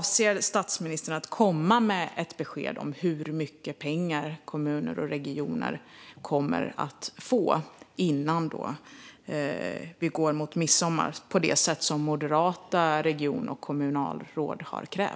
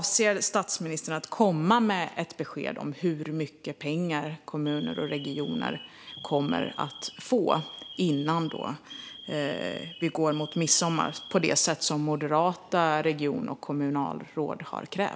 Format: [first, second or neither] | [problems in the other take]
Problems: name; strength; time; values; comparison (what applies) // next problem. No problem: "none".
first | background sound (Alarm); 19 dB below the speech